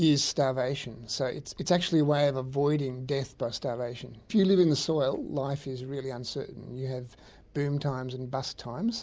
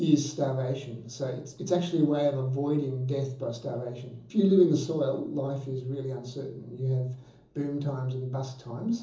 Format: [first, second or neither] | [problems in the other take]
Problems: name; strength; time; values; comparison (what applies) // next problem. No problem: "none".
first | room echo; dies away in 0.7 s